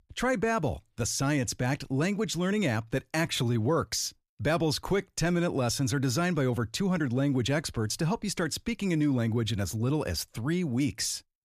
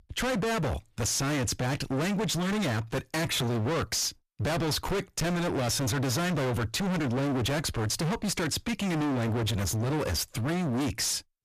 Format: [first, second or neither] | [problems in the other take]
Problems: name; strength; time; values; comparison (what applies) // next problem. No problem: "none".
first | distortion; heavy; 47% of the sound clipped